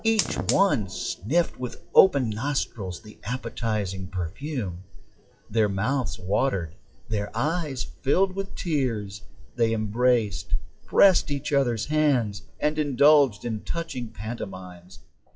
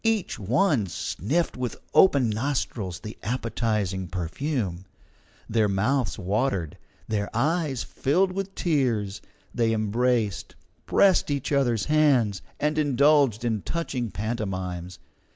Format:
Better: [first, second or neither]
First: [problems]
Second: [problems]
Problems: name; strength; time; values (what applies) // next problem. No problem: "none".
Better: second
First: noise reduction (classical method WPE with log-MMSE)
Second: none